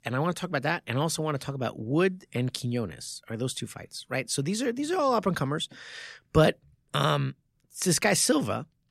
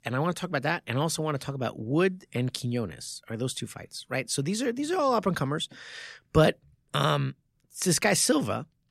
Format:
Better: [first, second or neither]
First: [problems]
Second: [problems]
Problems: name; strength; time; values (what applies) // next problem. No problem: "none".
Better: neither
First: none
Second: none